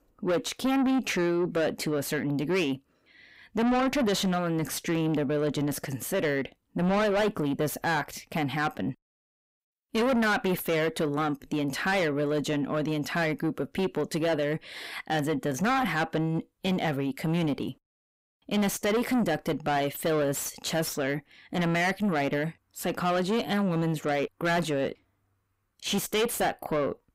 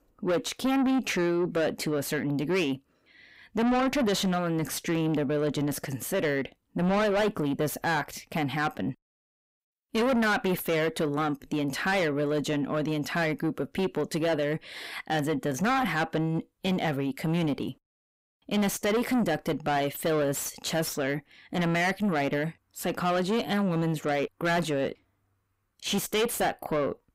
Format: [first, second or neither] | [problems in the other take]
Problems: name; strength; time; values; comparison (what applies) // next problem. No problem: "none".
neither | distortion; heavy; 5 dB below the speech; the same in both